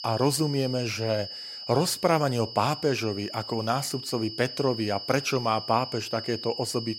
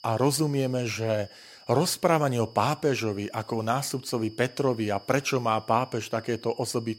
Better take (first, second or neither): second